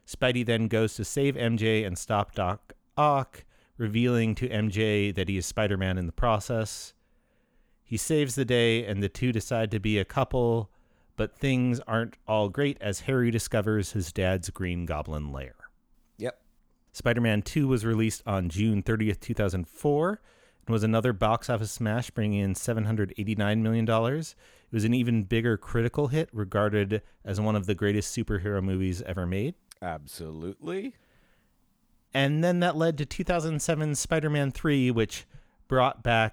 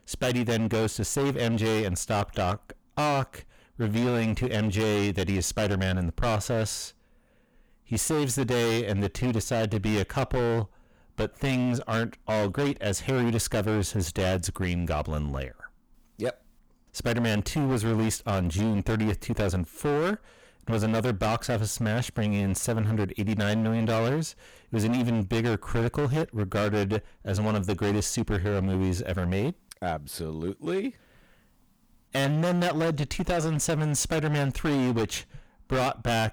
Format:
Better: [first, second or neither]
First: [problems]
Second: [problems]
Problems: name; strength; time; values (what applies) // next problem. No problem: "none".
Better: first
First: none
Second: distortion; heavy; 22% of the sound clipped